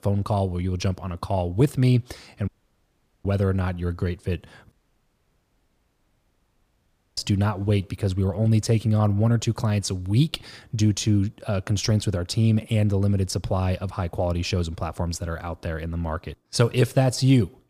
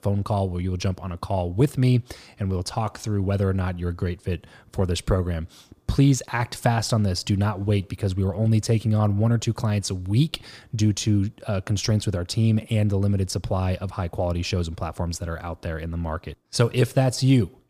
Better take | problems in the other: second | audio cutting out; at 2.5 s for 1 s and at 4.5 s for 2.5 s

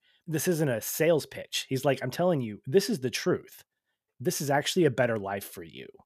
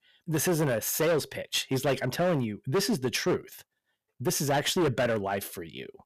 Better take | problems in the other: first | distortion; heavy; 11% of the sound clipped

